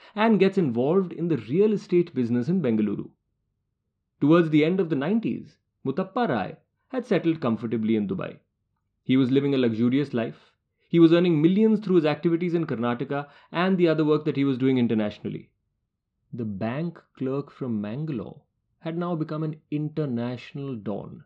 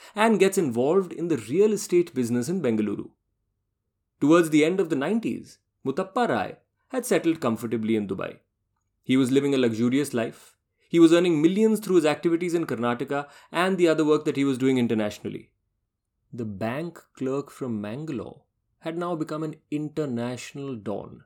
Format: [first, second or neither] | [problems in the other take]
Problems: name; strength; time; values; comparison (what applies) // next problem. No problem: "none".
second | muffled; slightly; fading above 4 kHz